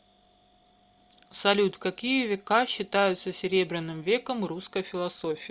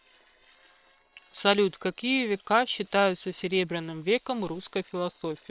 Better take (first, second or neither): first